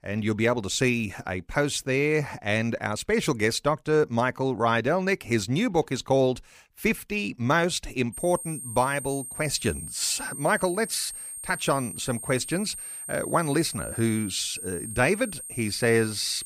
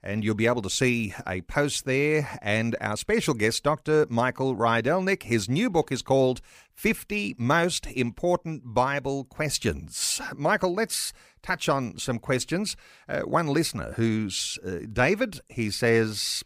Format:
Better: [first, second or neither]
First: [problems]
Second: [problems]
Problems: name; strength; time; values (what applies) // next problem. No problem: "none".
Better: second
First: high-pitched whine; loud; from 8 s on; 8.5 kHz, 9 dB below the speech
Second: none